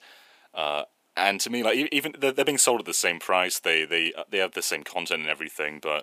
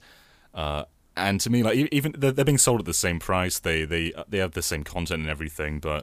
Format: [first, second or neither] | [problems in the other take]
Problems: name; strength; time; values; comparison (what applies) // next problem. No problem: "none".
second | thin; somewhat; fading below 300 Hz